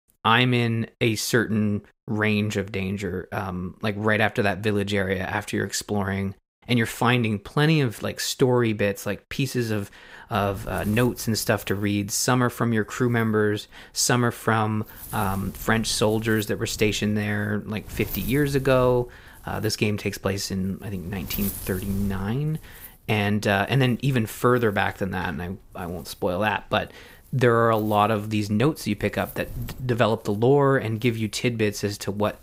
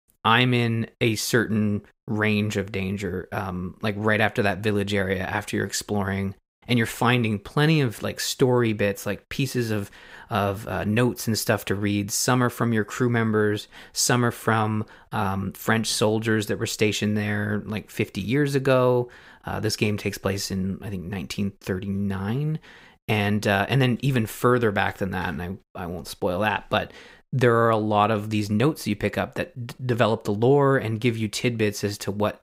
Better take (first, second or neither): second